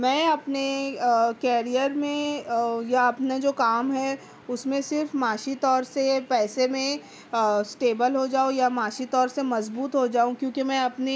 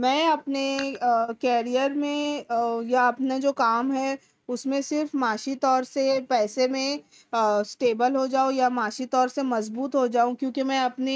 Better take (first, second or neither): first